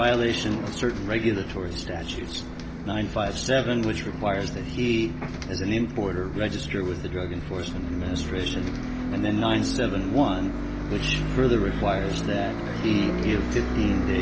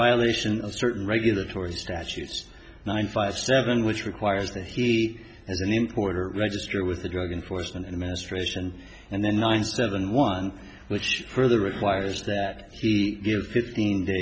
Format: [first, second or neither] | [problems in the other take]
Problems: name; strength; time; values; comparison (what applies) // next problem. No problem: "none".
second | background sound (Bus); 3 dB below the speech